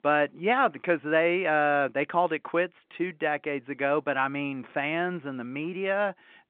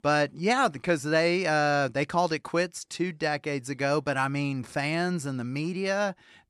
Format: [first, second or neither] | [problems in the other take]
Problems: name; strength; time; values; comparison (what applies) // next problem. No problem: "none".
second | phone-call audio